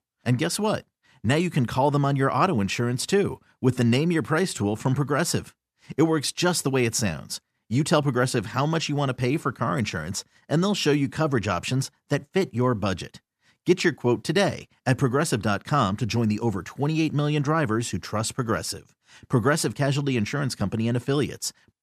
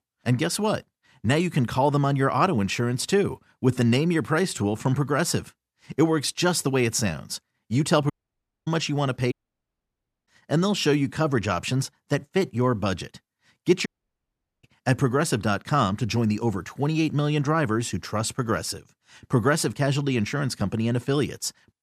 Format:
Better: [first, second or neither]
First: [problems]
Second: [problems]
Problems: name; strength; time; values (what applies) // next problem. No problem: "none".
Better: first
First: none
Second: audio cutting out; at 8 s for 0.5 s, at 9.5 s for 1 s and at 14 s for 1 s